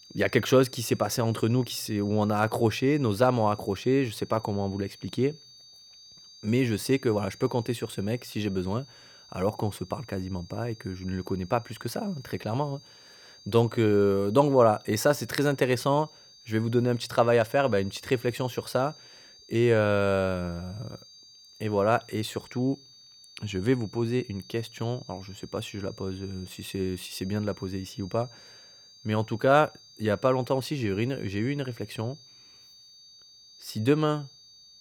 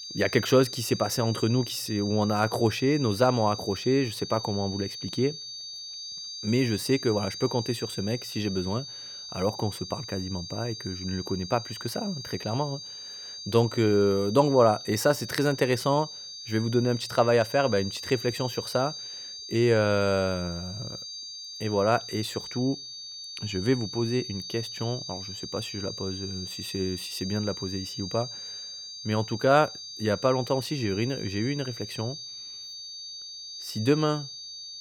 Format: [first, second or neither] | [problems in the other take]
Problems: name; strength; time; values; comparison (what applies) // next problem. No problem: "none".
first | high-pitched whine; loud; throughout; 4.5 kHz, 9 dB below the speech; faint in the first